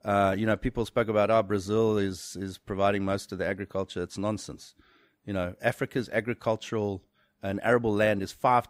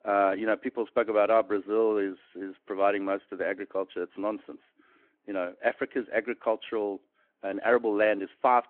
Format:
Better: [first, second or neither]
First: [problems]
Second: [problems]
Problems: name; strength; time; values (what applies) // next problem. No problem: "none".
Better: first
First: none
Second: phone-call audio